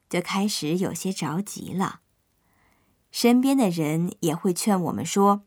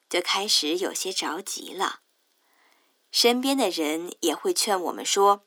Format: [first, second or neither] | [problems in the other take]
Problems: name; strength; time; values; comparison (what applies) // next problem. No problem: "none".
first | thin; somewhat; fading below 300 Hz